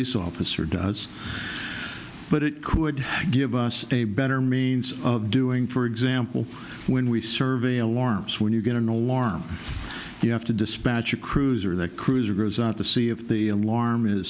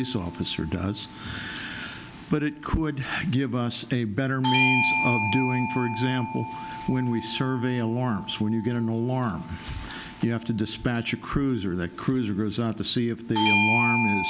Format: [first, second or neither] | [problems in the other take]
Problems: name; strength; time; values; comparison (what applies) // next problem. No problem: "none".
first | background sound (Bell / Doorbell); 4 dB below the speech